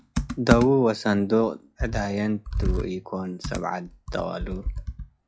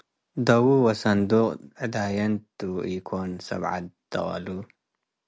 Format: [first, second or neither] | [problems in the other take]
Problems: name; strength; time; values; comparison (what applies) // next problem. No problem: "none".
second | noise reduction (classical method log-MMSE)